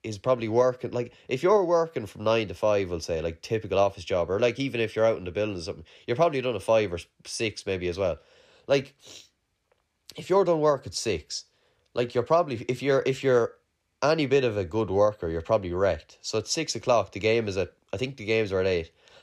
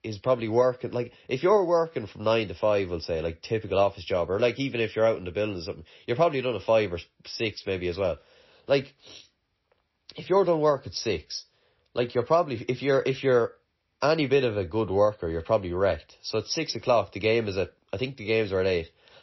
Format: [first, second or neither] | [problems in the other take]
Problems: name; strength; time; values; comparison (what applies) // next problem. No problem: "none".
first | garbled, watery; slightly; nothing above 5.5 kHz